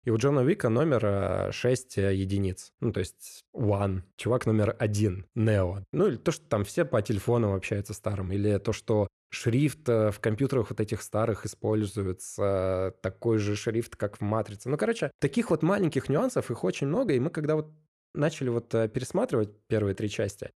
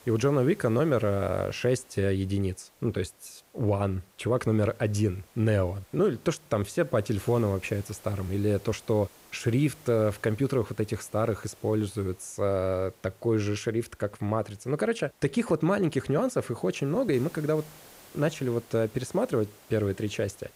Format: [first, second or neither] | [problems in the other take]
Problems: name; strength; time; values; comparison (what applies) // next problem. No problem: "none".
first | hiss; faint; throughout; 25 dB below the speech